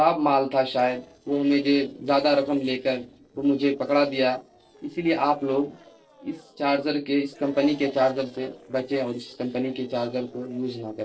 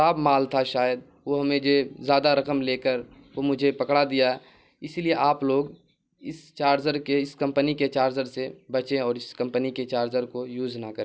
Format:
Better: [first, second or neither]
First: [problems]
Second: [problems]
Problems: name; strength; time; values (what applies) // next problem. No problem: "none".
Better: second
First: noise reduction (neural separator model SepFormer DNS4)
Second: none